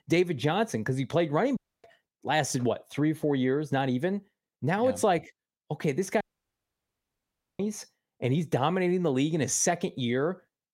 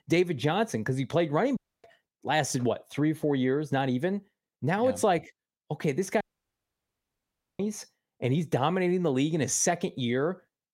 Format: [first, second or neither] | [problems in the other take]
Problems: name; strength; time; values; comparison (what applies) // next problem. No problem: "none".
neither | audio cutting out; at 1.5 s and at 6 s for 1.5 s; the same in both